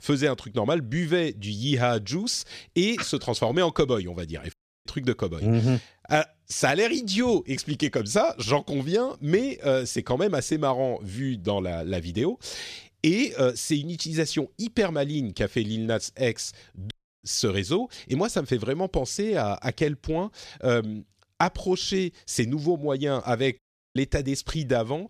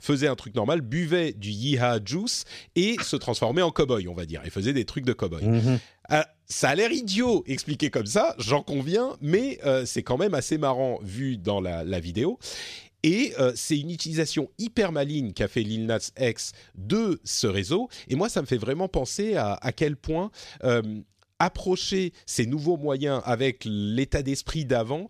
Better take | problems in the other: second | audio cutting out; at 4.5 s, at 17 s and at 24 s

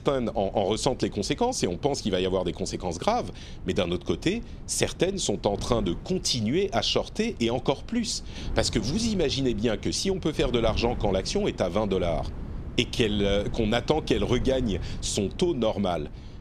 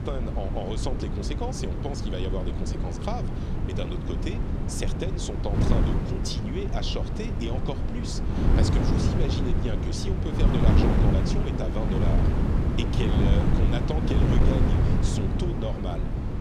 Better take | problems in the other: first | wind noise on the microphone; heavy; 1 dB above the speech; occasional gusts in the first

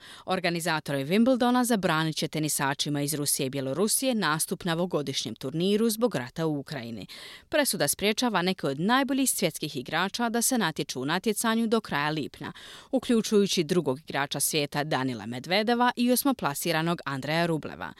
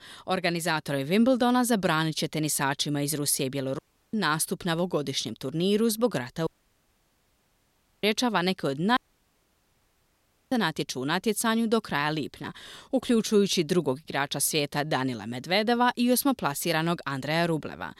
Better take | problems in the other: first | audio cutting out; at 4 s, at 6.5 s for 1.5 s and at 9 s for 1.5 s

